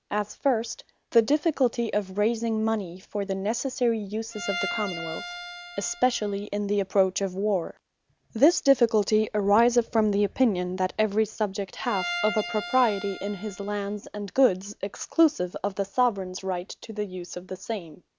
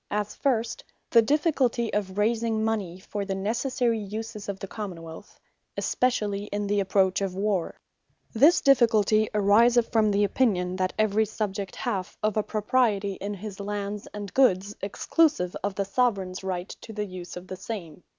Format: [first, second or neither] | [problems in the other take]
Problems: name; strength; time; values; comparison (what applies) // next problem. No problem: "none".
second | background sound (Bowed string instrument); 10 dB below the speech